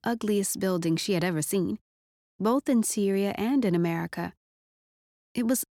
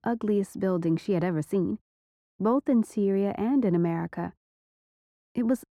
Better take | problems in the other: first | muffled; very; fading above 2.5 kHz

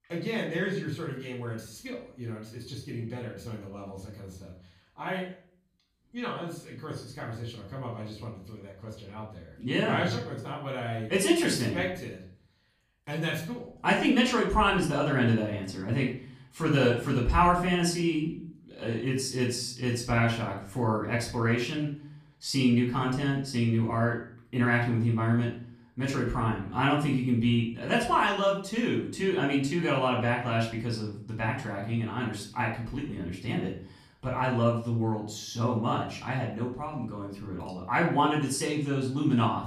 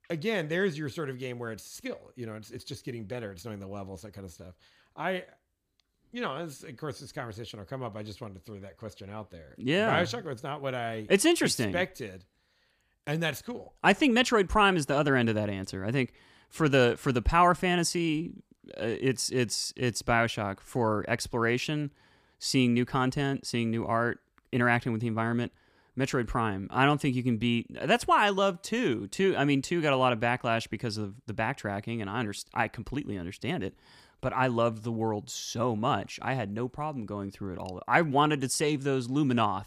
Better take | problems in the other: second | off-mic speech; far // room echo; slight; dies away in 0.5 s

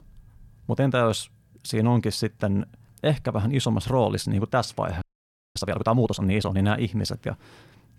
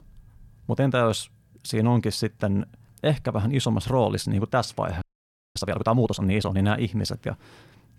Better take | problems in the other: neither | audio freezing; at 5 s for 0.5 s; the same in both

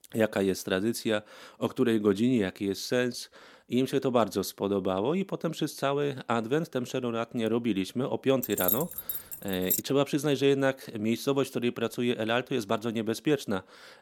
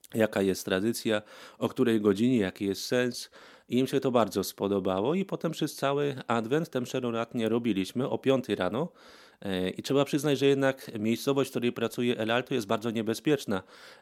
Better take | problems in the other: second | jangling keys; loud; from 8.5 to 10 s; peak 2 dB above the speech

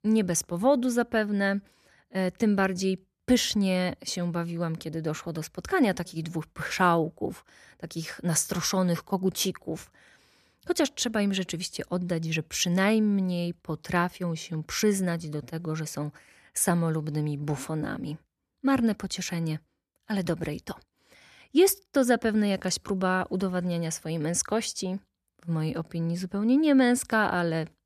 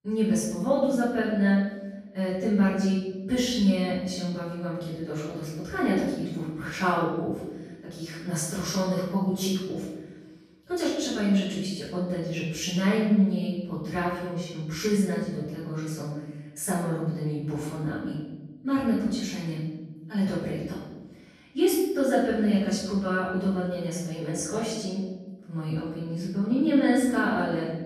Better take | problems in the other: first | off-mic speech; far // room echo; strong; dies away in 1.1 s

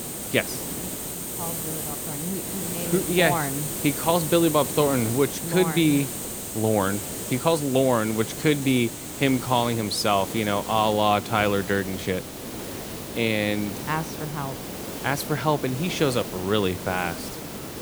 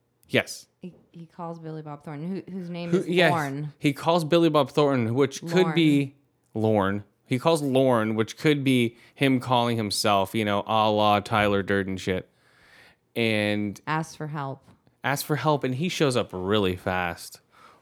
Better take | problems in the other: second | hiss; loud; throughout; 7 dB below the speech

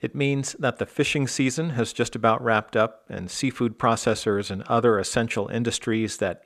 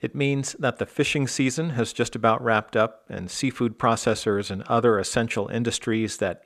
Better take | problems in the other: neither | none

